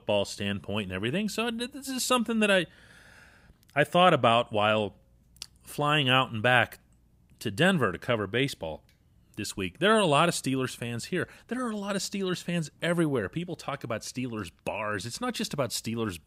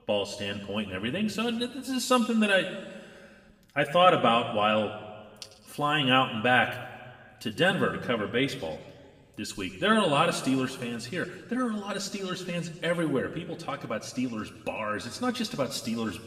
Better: first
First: none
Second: room echo; slight; dies away in 1.3 s // off-mic speech; somewhat distant

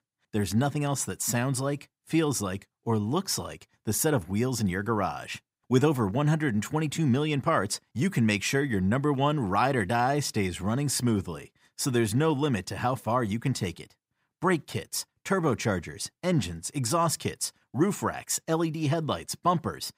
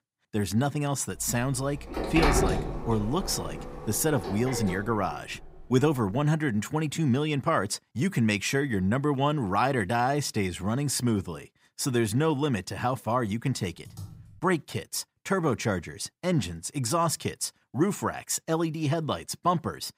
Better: first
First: none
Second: door banging; loud; from 1.5 to 5.5 s; peak 4 dB above the speech // keyboard typing; faint; at 14 s; peak 15 dB below the speech

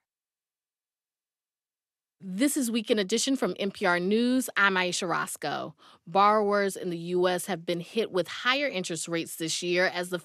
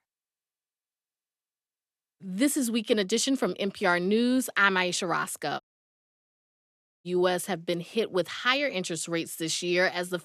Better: first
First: none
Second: audio cutting out; at 5.5 s for 1.5 s

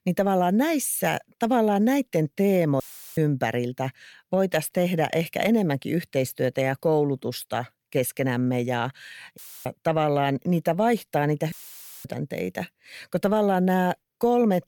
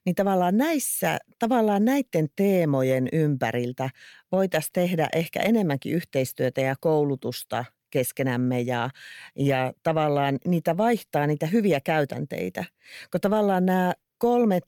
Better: second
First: audio cutting out; filled with static; at 3 s, at 9.5 s and at 12 s for 0.5 s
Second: none

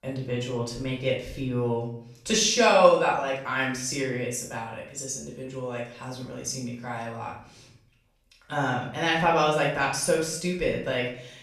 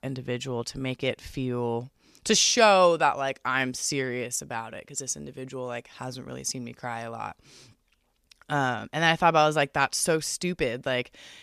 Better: second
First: off-mic speech; far // room echo; noticeable; dies away in 0.5 s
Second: none

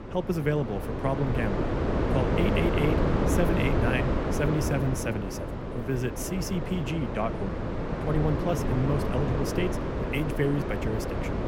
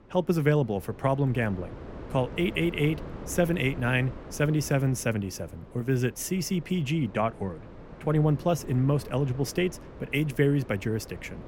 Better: second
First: wind noise on the microphone; heavy; 1 dB above the speech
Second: wind noise on the microphone; occasional gusts; 15 dB below the speech

